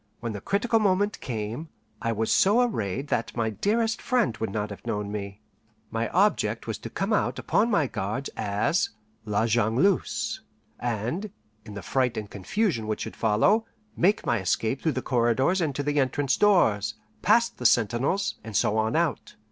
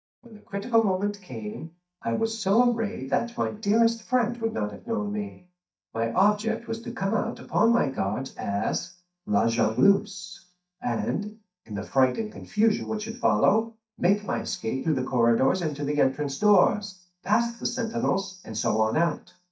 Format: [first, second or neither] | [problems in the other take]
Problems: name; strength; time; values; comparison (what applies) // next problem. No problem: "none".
first | noise reduction (neural mask model DeepFilterNet 3)